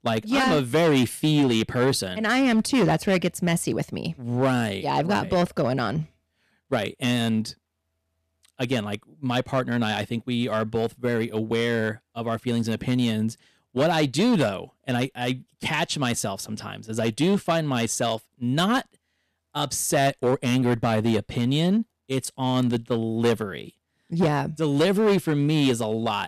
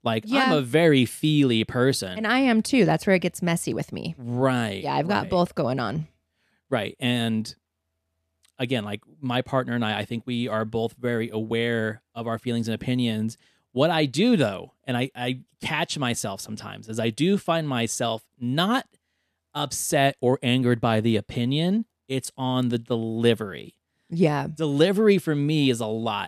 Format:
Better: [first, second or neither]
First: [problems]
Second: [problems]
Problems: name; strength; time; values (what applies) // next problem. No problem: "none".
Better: second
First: distortion; slight; 6% of the sound clipped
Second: none